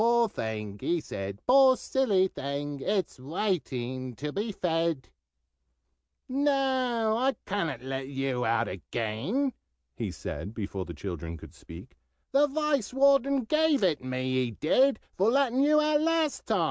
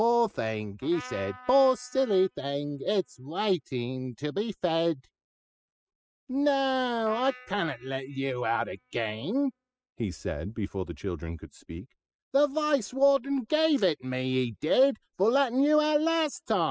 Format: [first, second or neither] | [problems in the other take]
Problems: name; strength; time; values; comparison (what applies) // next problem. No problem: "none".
first | noise reduction (classical method spectral subtraction)